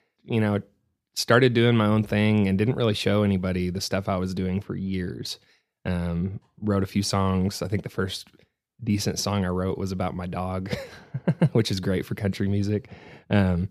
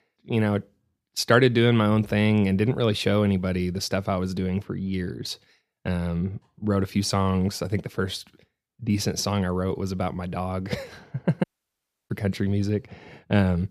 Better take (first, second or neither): first